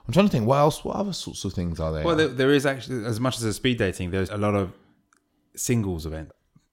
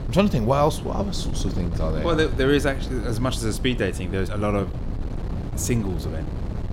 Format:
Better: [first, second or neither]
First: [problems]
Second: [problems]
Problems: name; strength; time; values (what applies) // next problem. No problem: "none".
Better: first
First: none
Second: wind noise on the microphone; occasional gusts; 15 dB below the speech